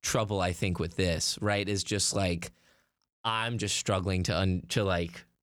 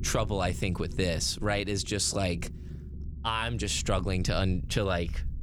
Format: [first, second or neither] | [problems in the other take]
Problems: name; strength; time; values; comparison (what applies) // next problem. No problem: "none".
first | low rumble; faint; throughout; 20 dB below the speech